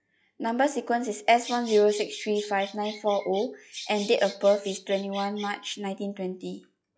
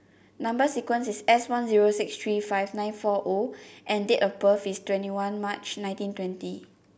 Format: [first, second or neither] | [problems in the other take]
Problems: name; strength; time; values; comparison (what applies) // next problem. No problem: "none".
second | noise reduction (classical method log-MMSE)